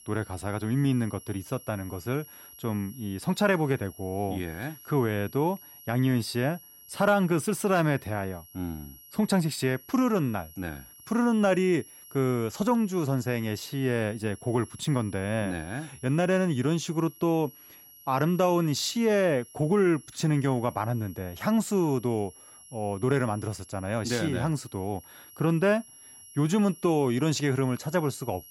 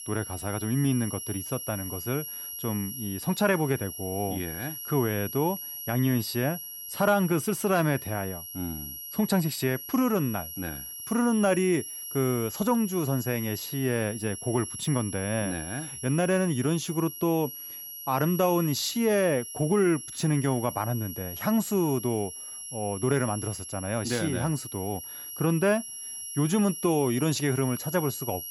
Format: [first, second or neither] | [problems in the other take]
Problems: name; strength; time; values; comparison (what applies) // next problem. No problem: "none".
first | high-pitched whine; loud; throughout; 11.5 kHz, 8 dB below the speech; faint in the first